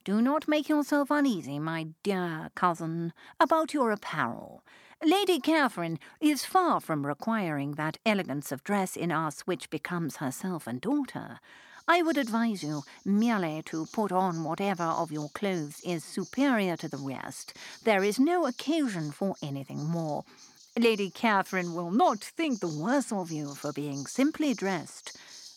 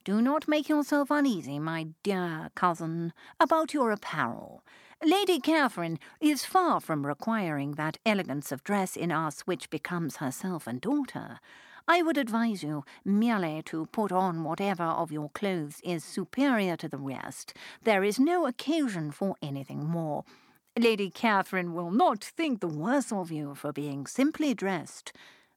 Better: second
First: animal sounds; faint; from 12 s on; 20 dB below the speech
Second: none

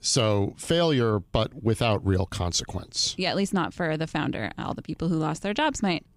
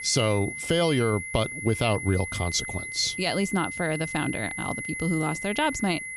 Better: first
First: none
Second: high-pitched whine; loud; throughout; 2 kHz, 6 dB below the speech

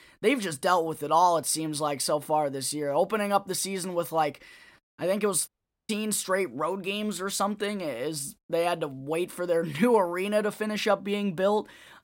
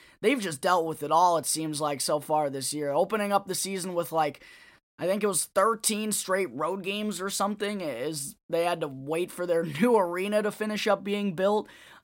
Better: second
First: audio cutting out; at 5.5 s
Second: none

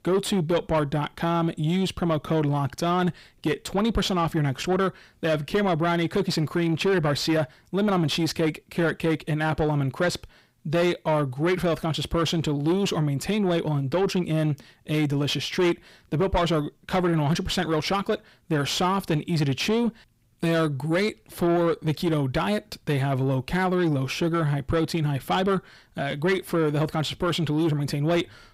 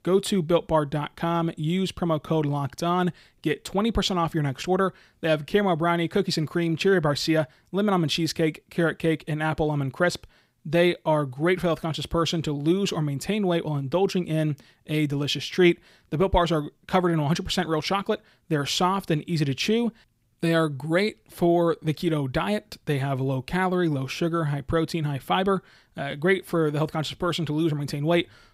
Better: second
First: distortion; slight; 10 dB below the speech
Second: none

